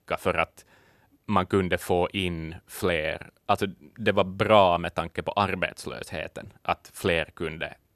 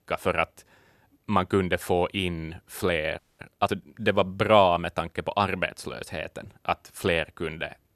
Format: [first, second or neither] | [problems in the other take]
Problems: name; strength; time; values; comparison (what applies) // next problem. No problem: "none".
first | audio freezing; at 3 s